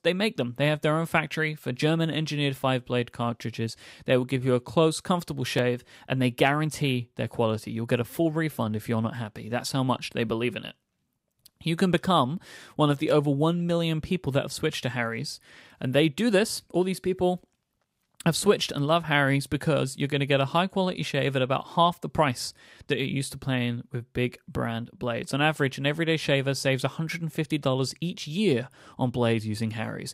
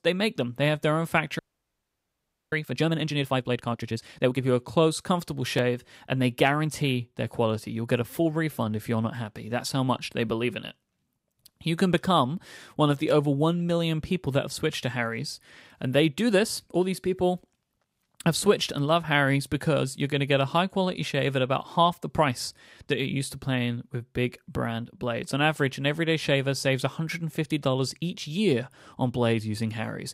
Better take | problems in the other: first | audio freezing; at 1.5 s for 1 s

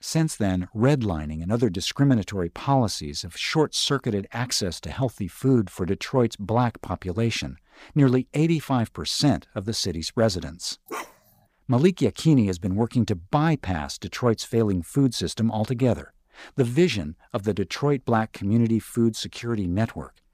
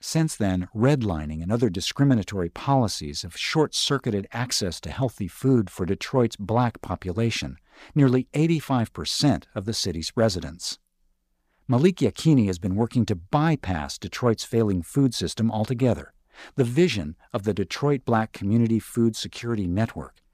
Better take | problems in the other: second | dog barking; faint; at 11 s; peak 10 dB below the speech

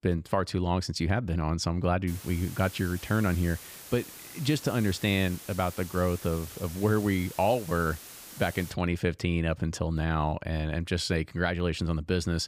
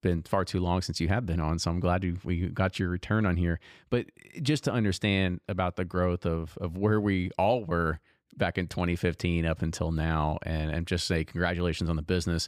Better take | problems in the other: second | hiss; noticeable; from 2 to 8.5 s; 15 dB below the speech

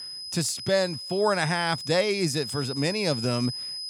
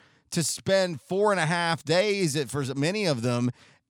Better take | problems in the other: second | high-pitched whine; loud; throughout; 5 kHz, 7 dB below the speech

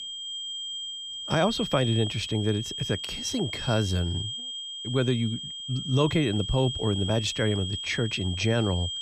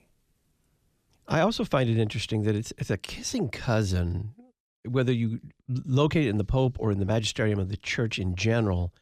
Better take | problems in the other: second | high-pitched whine; loud; throughout; 3 kHz, 6 dB below the speech

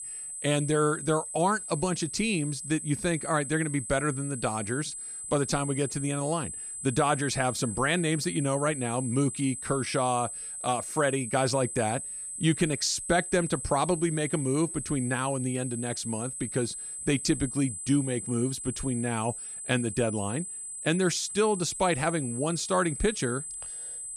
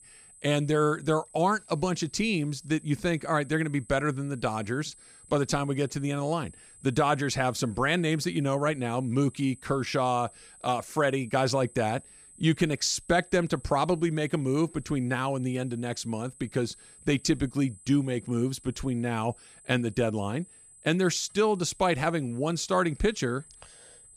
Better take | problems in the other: second | high-pitched whine; loud; throughout; 8 kHz, 6 dB below the speech; faint in the second

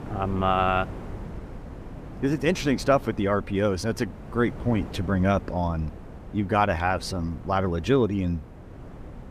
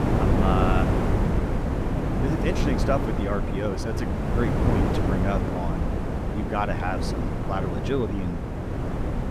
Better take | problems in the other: first | wind noise on the microphone; heavy; 1 dB below the speech; occasional gusts in the first

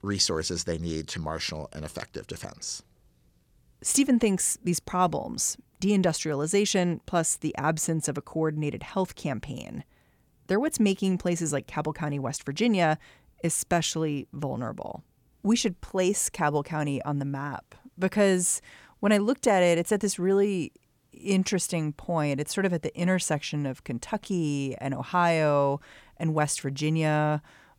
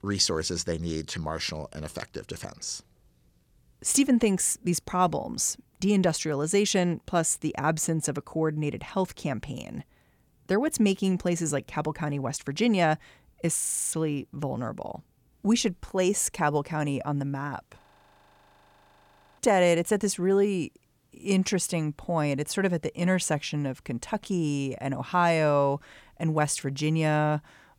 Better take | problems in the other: first | audio freezing; at 14 s and at 18 s for 1.5 s

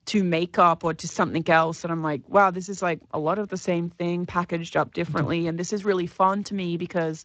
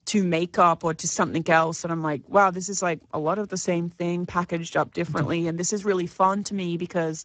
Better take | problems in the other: first | garbled, watery; badly; nothing above 7.5 kHz; slightly in the first

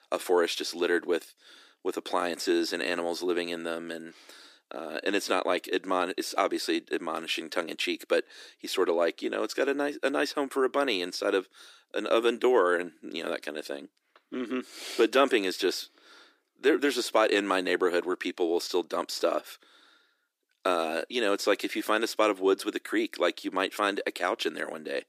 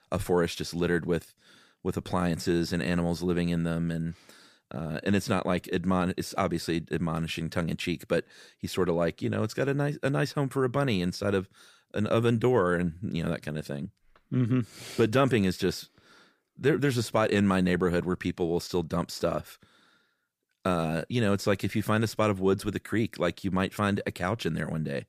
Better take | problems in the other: second | thin; somewhat; fading below 300 Hz

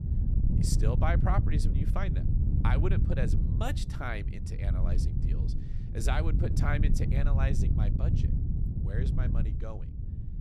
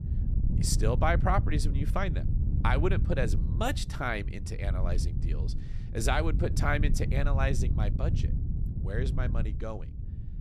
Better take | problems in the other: second | wind noise on the microphone; heavy; 5 dB below the speech; occasional gusts in the second

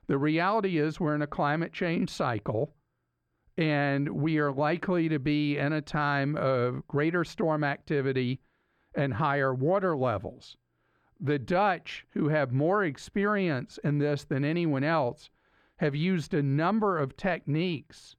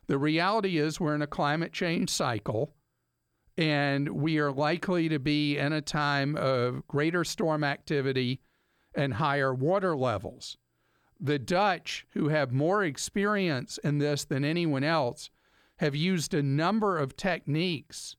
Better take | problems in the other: second | muffled; slightly; fading above 4 kHz

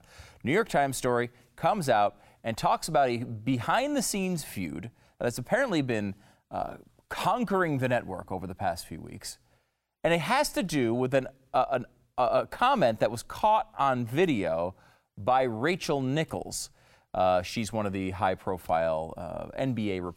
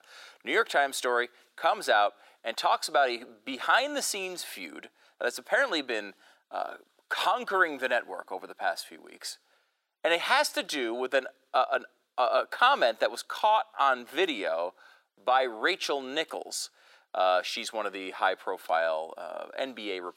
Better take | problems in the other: first | thin; somewhat; fading below 350 Hz

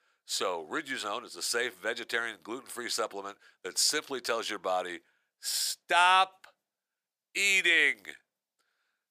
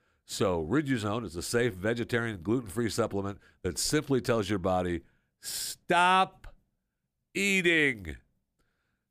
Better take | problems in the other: second | thin; very; fading below 650 Hz

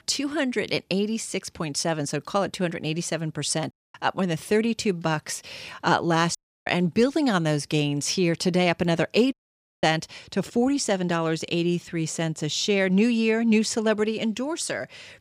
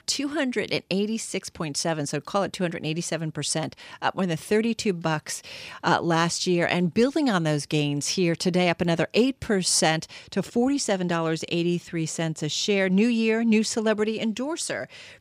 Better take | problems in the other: second | audio cutting out; at 3.5 s, at 6.5 s and at 9.5 s for 0.5 s

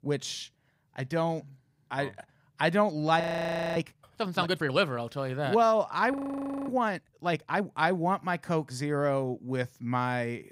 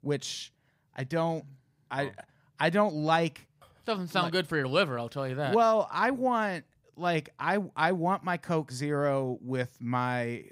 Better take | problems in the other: second | audio freezing; at 3 s for 0.5 s and at 6 s for 0.5 s

